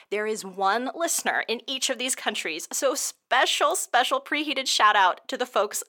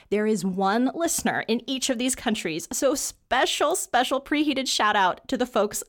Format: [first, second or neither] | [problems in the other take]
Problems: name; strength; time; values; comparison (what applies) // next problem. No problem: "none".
second | thin; somewhat; fading below 450 Hz